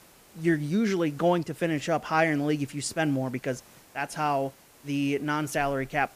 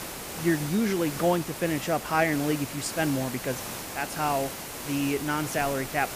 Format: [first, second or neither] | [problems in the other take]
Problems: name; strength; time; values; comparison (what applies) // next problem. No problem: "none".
first | hiss; loud; throughout; 7 dB below the speech; faint in the first